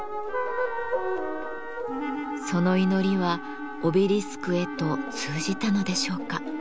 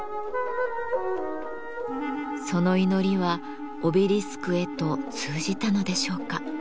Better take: second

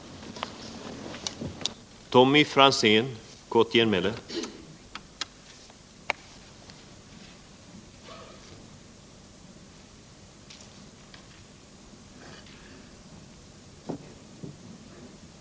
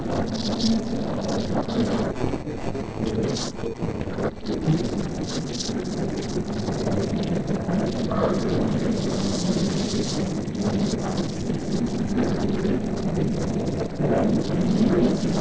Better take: first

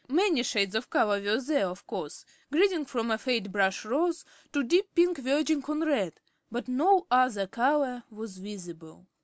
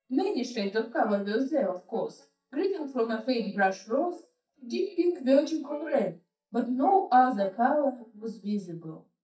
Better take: first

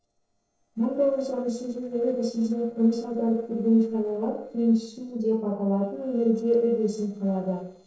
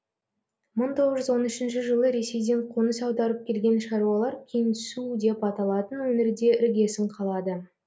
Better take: second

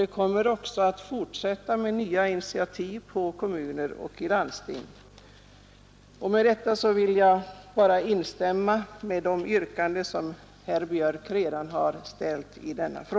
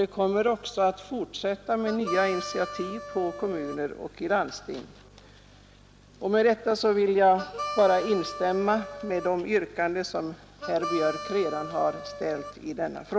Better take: first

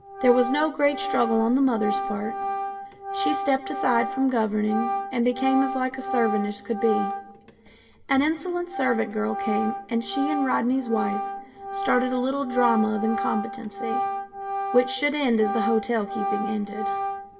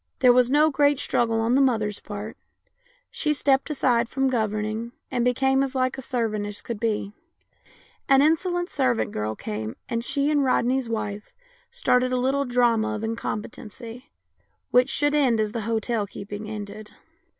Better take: second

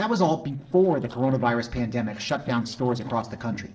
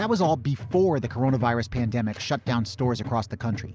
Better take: second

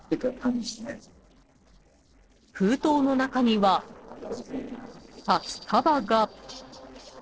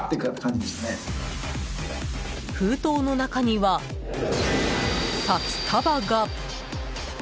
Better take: second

